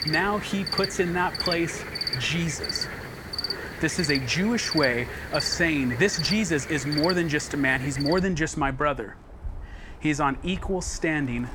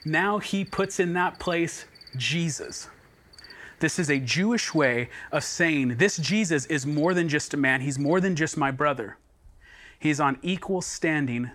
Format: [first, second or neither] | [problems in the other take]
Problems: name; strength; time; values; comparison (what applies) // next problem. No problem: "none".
second | animal sounds; loud; throughout; 5 dB below the speech; faint in the second